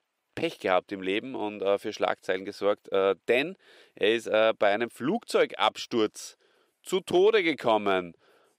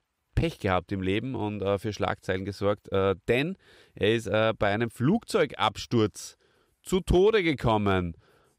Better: second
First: thin; somewhat; fading below 350 Hz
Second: none

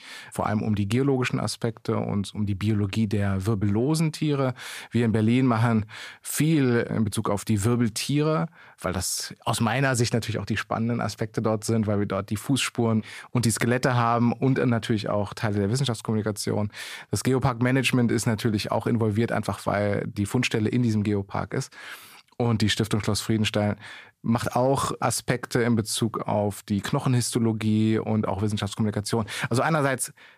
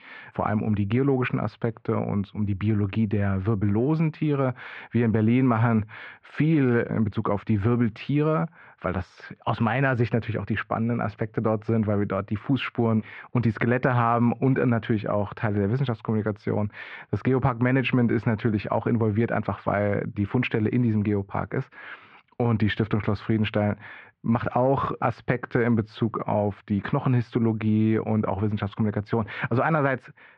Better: first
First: none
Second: muffled; very; fading above 2.5 kHz

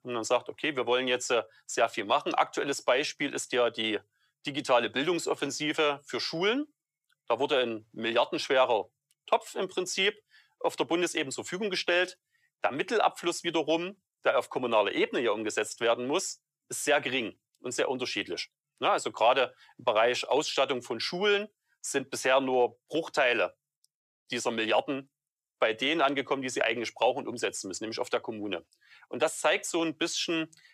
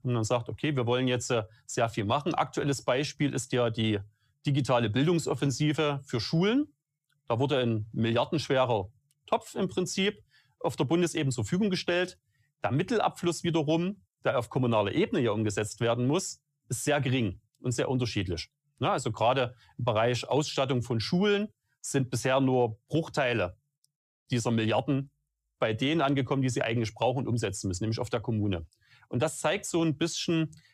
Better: second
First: thin; somewhat; fading below 450 Hz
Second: none

